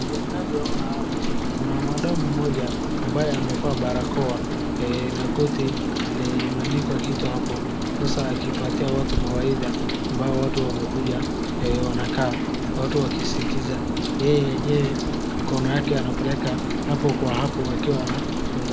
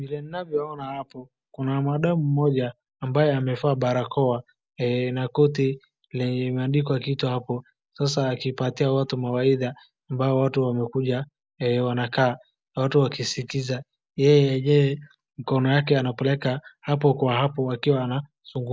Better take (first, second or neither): second